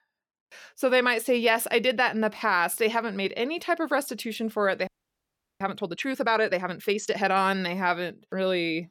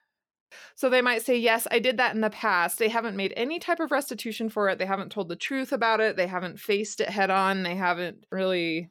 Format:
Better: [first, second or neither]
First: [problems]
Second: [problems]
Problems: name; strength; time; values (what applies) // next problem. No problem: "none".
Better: second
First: audio freezing; at 5 s for 0.5 s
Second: none